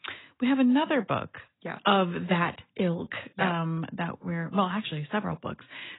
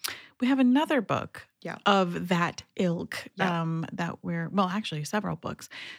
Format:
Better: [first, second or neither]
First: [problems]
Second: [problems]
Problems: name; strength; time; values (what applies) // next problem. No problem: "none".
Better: second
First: garbled, watery; badly; nothing above 4 kHz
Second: none